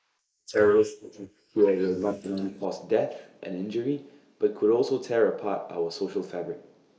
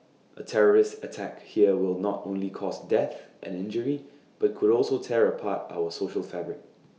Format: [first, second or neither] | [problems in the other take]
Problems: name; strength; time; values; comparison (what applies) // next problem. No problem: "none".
second | noise reduction (neural mask model Resemble Enhance denoiser)